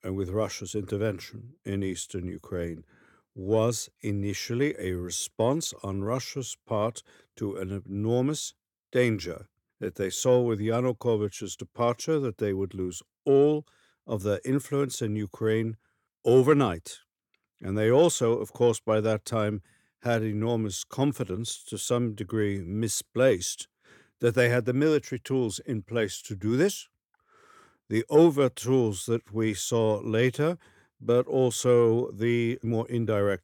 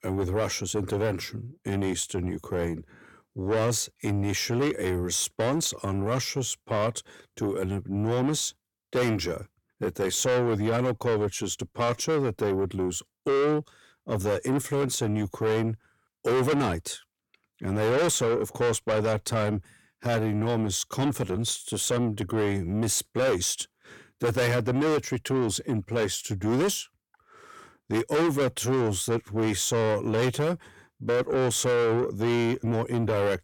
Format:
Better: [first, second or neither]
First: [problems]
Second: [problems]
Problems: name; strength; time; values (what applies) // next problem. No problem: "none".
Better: first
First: none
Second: distortion; heavy; 6 dB below the speech